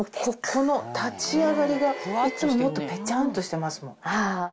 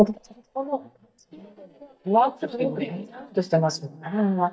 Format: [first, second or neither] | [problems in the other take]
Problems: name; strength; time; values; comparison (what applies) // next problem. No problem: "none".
first | noise reduction (neural mask model DeepFilterNet 3)